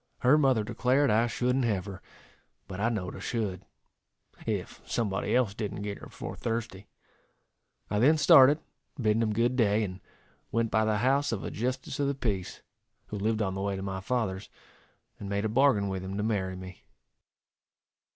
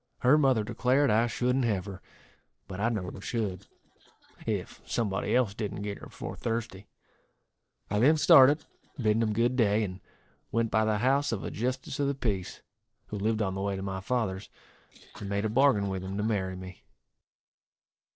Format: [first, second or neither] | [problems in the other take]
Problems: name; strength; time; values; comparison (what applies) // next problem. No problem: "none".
first | noise reduction (neural separator model SepFormer DNS4)